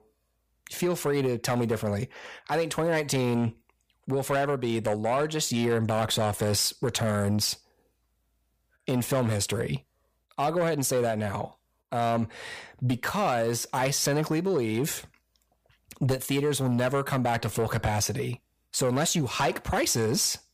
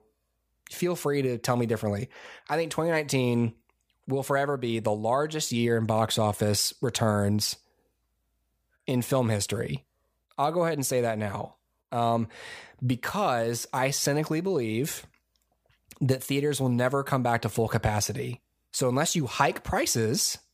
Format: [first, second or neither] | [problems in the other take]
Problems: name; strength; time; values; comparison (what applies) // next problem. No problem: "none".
second | distortion; slight; 10 dB below the speech